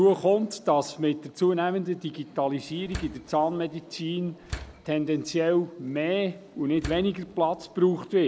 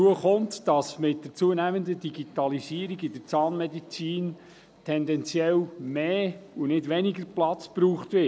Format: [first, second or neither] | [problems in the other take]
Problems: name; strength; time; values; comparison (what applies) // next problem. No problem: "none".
second | background sound (Slam); 16 dB below the speech